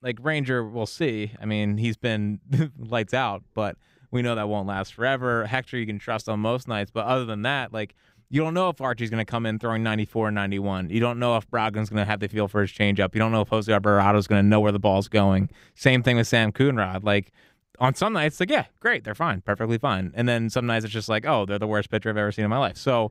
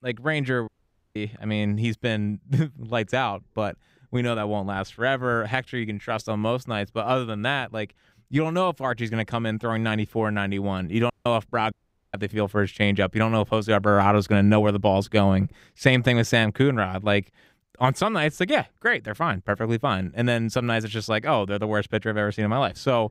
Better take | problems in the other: first | audio cutting out; at 0.5 s, at 11 s and at 12 s

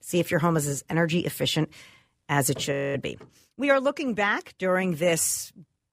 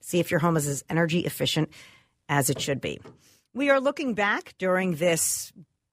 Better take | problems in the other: second | audio freezing; at 2.5 s

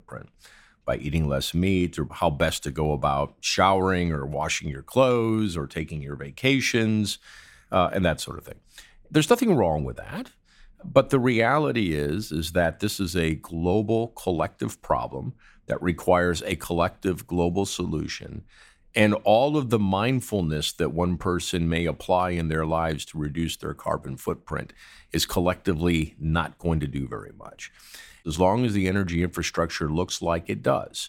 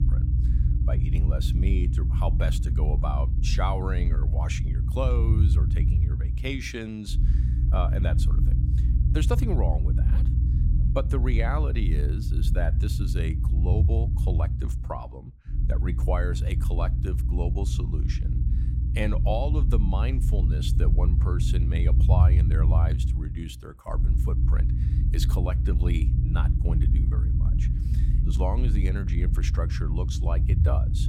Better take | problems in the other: first | low rumble; loud; throughout; 5 dB below the speech

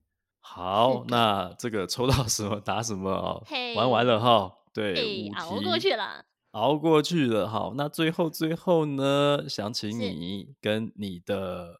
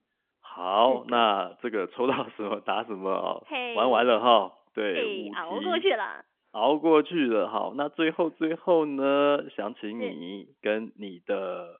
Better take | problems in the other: first | phone-call audio; nothing above 3.5 kHz

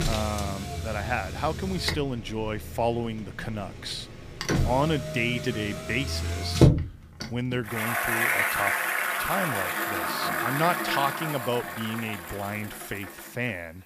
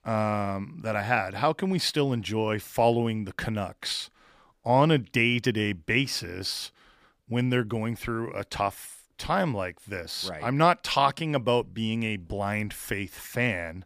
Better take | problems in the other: second | traffic noise; very loud; throughout; 3 dB above the speech

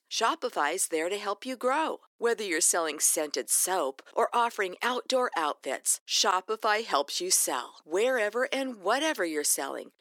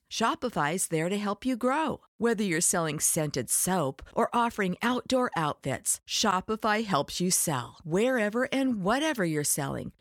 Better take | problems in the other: second | thin; somewhat; fading below 300 Hz

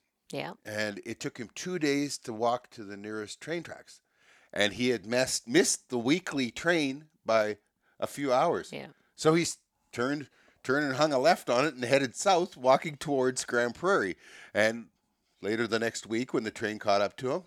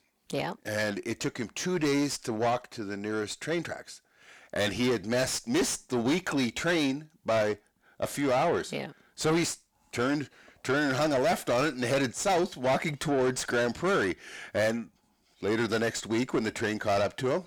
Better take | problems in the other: first | distortion; heavy; 6 dB below the speech

